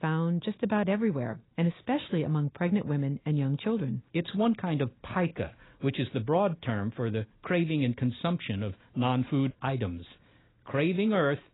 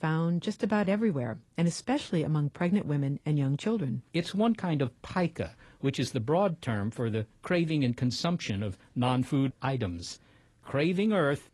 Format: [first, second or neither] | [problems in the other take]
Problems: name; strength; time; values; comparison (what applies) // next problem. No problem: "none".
second | garbled, watery; badly; nothing above 4 kHz; slightly in the second